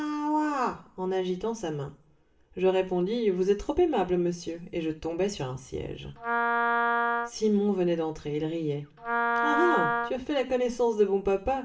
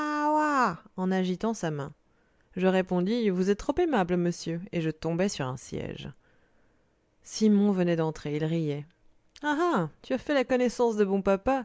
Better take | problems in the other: second | background sound (Wind instrument, woodwind instrument); as loud as the speech // room echo; dies away in 0.4 s

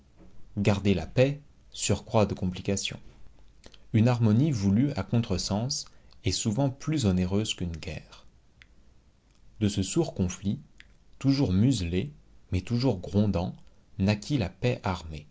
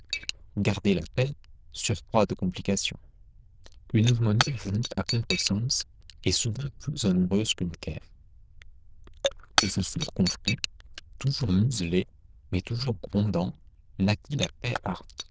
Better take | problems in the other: first | noise reduction (neural diffusion model UNIVERSE++)

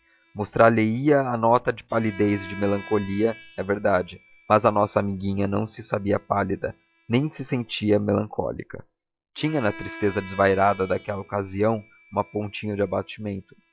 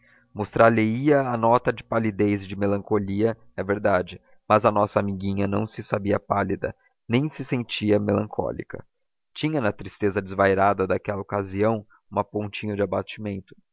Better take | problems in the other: second | noise reduction (classical method log-MMSE)

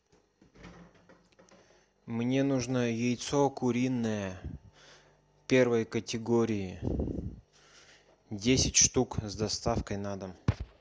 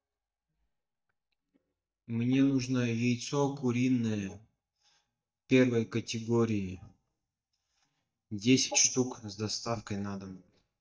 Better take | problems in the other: first | noise reduction (neural mask model DeepFilterNet 3)

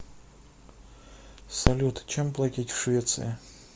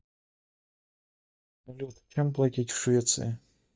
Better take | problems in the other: first | noise reduction (neural mask model DeepFilterNet 3)

